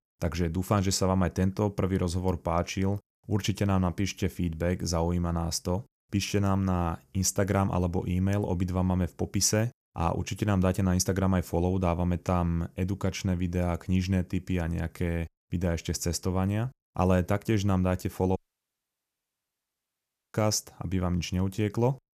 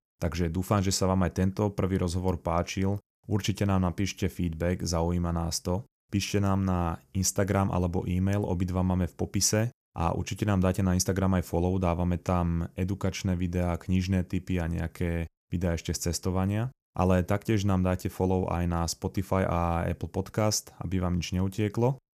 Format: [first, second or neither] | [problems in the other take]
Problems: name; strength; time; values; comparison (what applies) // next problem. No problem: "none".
second | audio cutting out; at 18 s for 2 s